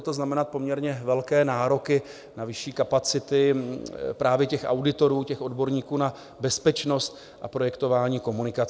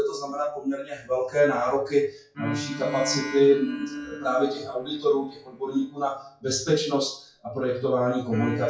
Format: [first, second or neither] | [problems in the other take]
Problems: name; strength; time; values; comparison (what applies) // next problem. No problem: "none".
first | noise reduction (classical method WPE with log-MMSE)